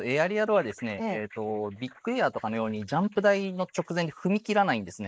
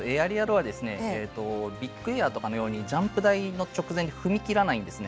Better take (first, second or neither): second